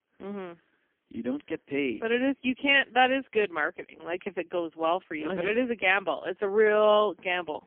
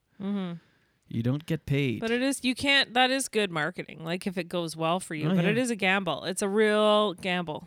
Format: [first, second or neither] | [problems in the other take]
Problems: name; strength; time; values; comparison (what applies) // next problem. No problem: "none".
second | phone-call audio; poor line; nothing above 3 kHz